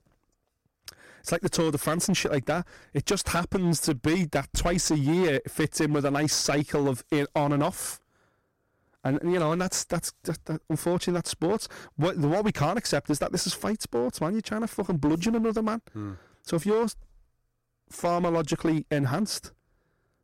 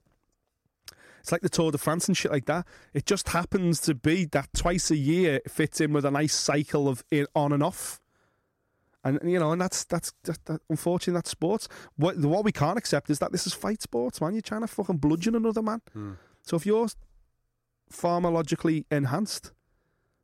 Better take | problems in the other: second | distortion; slight; 9% of the sound clipped

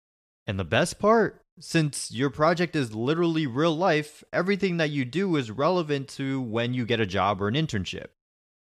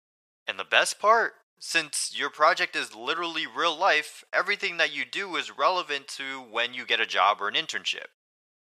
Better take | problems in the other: first | thin; very; fading below 950 Hz

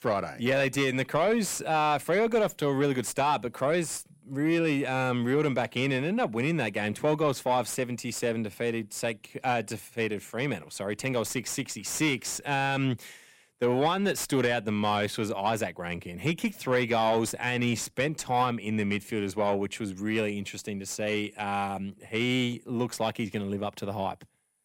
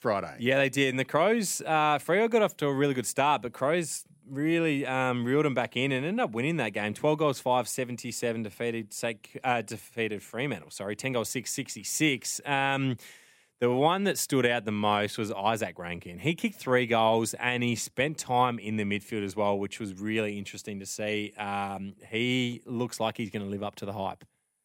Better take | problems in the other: second | distortion; slight; 10 dB below the speech

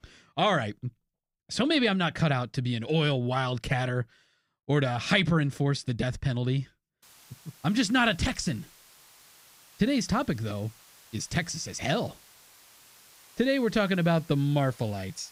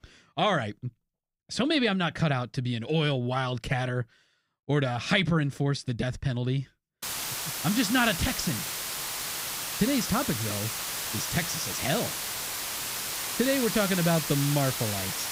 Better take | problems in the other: first | hiss; loud; from 7 s on; 3 dB below the speech; faint in the first

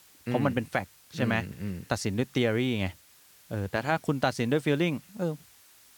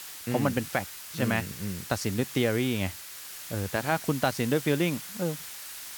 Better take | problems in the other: first | hiss; loud; throughout; 9 dB below the speech; faint in the first

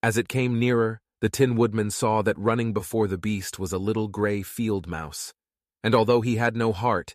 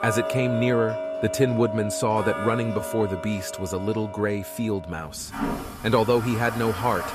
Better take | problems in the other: first | household noises; loud; throughout; 7 dB below the speech

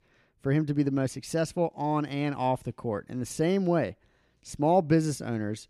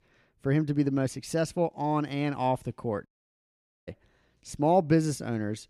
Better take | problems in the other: first | audio cutting out; at 3 s for 1 s

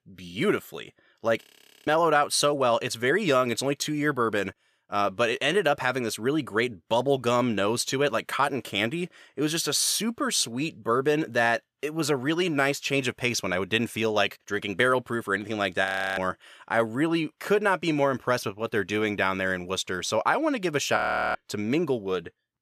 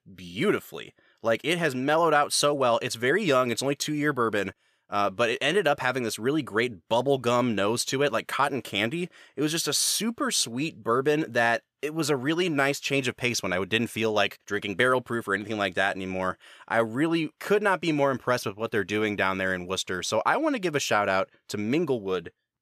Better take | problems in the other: second | audio freezing; at 1.5 s, at 16 s and at 21 s

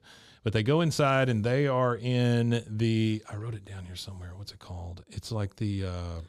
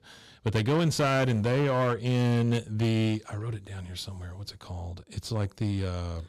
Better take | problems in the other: first | distortion; slight; 9% of the sound clipped

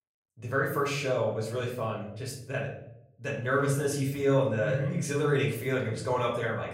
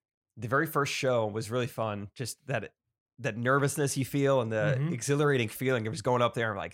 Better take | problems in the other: second | room echo; slight; dies away in 0.6 s // off-mic speech; far

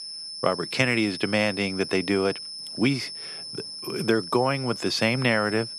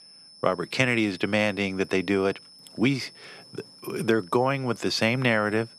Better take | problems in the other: second | high-pitched whine; loud; throughout; 5 kHz, 9 dB below the speech; faint in the second

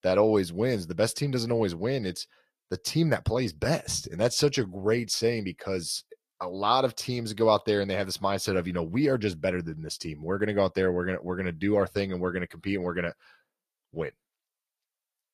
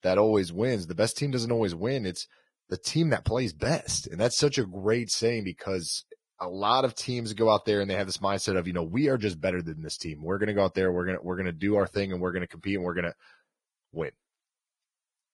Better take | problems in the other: first | garbled, watery; badly; nothing above 10.5 kHz; slightly in the first

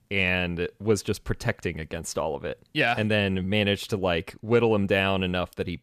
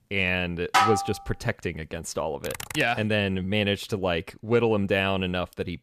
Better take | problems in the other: first | clattering dishes; loud; at 0.5 s; peak 5 dB above the speech // keyboard typing; noticeable; at 2.5 s; peak 9 dB below the speech

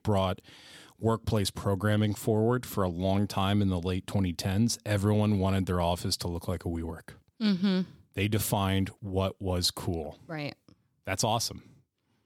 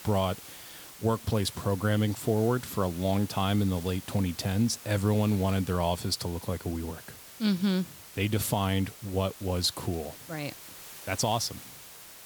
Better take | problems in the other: first | hiss; noticeable; throughout; 15 dB below the speech

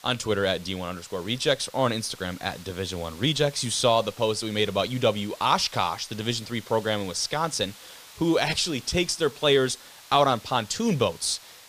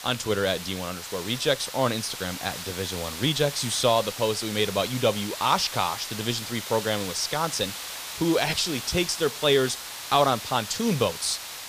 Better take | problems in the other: first | hiss; loud; throughout; 8 dB below the speech; faint in the first

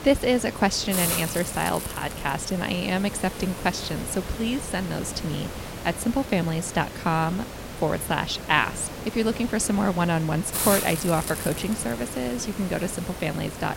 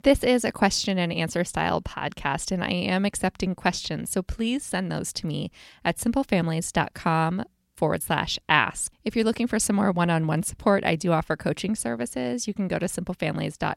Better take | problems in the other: second | hiss; loud; throughout; 6 dB below the speech

